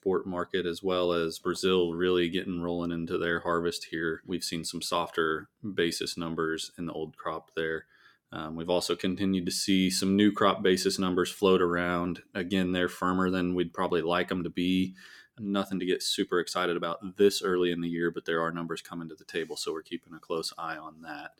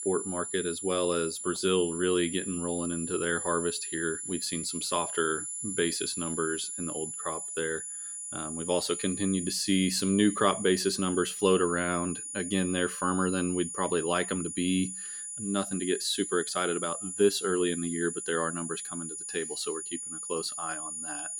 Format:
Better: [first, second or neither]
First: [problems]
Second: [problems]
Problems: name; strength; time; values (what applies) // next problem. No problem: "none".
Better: first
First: none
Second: high-pitched whine; loud; throughout; 10 kHz, 5 dB below the speech